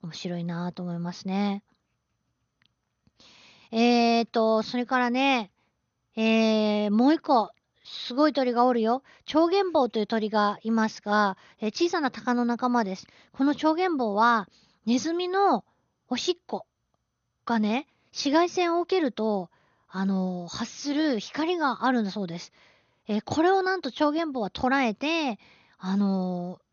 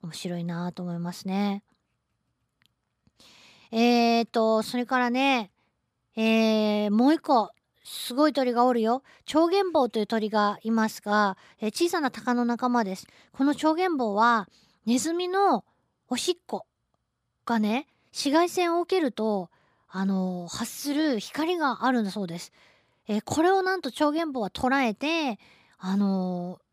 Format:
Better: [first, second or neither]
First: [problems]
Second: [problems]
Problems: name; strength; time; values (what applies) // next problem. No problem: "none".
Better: second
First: garbled, watery; slightly; nothing above 6.5 kHz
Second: none